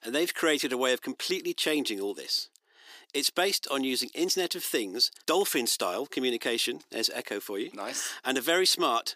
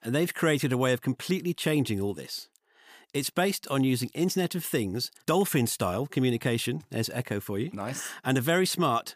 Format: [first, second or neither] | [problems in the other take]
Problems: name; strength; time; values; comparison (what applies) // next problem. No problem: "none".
second | thin; somewhat; fading below 300 Hz